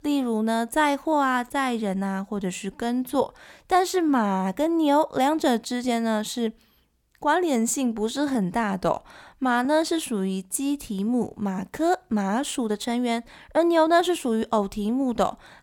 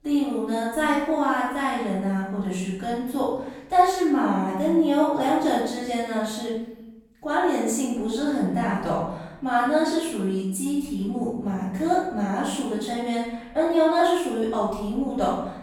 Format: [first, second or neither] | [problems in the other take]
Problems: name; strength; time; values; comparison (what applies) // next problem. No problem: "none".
first | room echo; strong; dies away in 0.9 s // off-mic speech; far